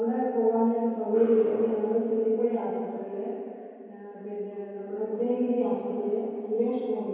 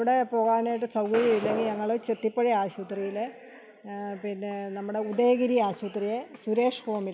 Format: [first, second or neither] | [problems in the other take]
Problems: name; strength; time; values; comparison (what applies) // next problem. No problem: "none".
second | room echo; dies away in 2.2 s